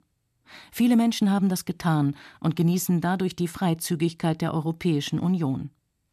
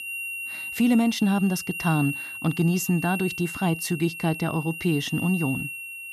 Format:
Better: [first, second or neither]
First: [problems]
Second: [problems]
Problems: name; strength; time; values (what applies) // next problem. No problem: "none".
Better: first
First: none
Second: high-pitched whine; loud; throughout; 3 kHz, 7 dB below the speech